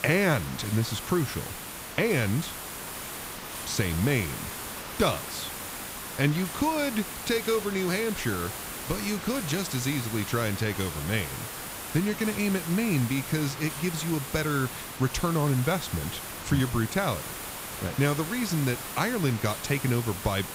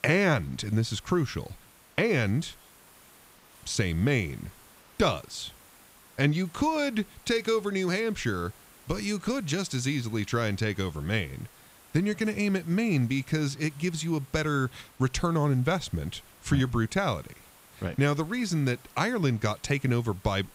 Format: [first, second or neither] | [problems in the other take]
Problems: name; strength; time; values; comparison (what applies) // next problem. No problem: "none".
second | hiss; loud; throughout; 7 dB below the speech; faint in the second